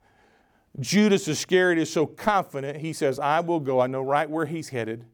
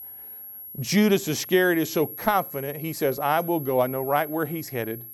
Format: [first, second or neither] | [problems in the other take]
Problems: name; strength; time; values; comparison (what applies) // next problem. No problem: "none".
first | high-pitched whine; noticeable; throughout; 11.5 kHz, 10 dB below the speech